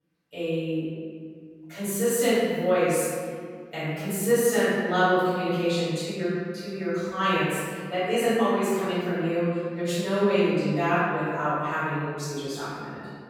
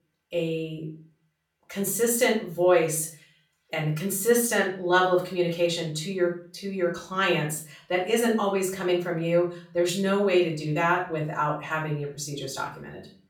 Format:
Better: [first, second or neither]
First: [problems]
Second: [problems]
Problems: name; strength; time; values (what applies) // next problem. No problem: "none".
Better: second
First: room echo; strong; dies away in 2.1 s // off-mic speech; far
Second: room echo; slight; dies away in 0.4 s // off-mic speech; far